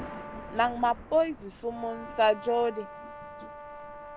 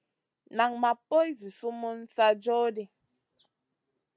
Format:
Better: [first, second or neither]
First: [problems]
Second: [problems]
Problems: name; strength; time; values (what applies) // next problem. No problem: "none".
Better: second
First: background sound (Brass instrument + Thunder); 13 dB below the speech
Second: none